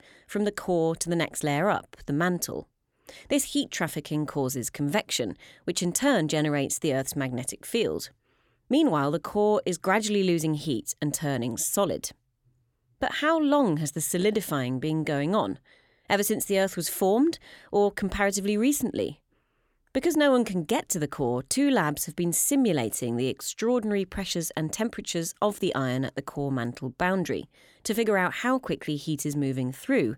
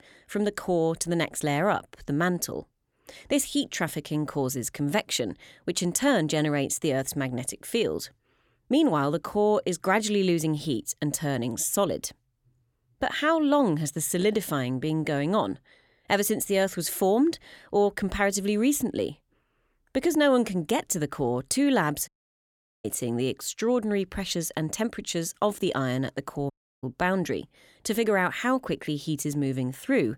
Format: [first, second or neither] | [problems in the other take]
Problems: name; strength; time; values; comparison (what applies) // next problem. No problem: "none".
first | audio cutting out; at 22 s for 1 s and at 27 s